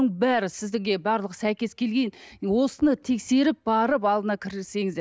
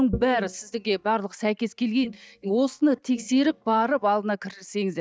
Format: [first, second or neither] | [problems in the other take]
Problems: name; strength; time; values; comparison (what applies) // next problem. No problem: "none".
first | noise reduction (neural mask model DeepFilterNet 3)